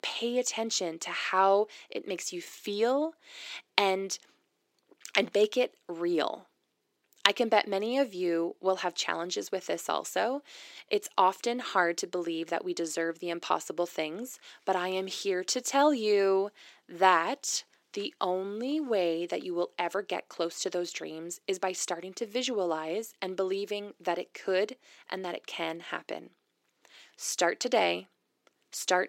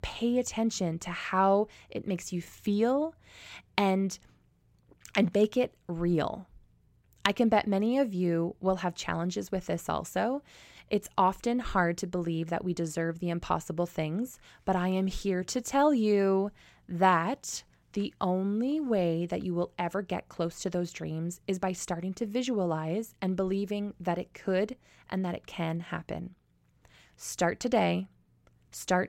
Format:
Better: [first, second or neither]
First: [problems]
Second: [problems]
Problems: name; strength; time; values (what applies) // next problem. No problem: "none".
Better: second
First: thin; somewhat; fading below 300 Hz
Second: none